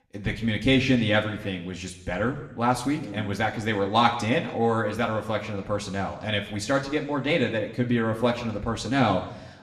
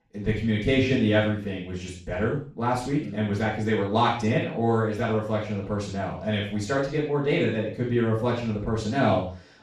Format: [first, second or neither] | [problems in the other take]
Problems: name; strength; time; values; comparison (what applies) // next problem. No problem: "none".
first | room echo; strong; dies away in 0.4 s; slight in the first // off-mic speech; far; somewhat distant in the first